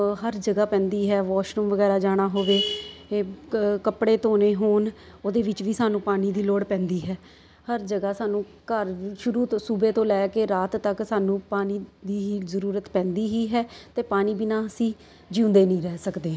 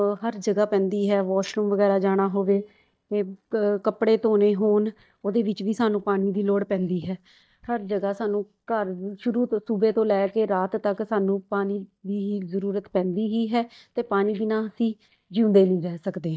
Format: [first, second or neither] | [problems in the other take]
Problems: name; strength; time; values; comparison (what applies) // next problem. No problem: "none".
first | noise reduction (neural mask model DeepFilterNet 3)